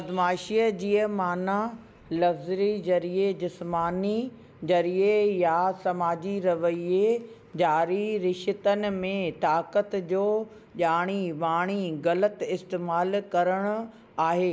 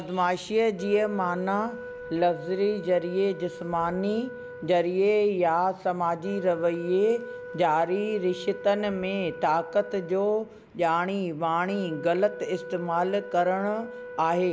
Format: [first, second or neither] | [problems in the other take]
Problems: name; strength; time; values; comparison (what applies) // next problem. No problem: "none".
first | background sound (Wind instrument, woodwind instrument); 14 dB below the speech